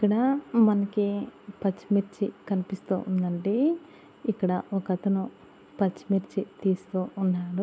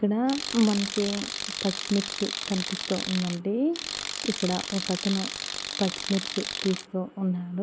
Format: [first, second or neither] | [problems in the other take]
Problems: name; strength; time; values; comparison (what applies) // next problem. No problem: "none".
first | background sound (Tools); 5 dB below the speech